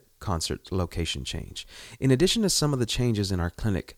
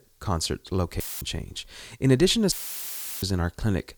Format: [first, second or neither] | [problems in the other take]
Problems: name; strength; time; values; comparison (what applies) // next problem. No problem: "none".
first | audio cutting out; filled with static; at 1 s and at 2.5 s for 0.5 s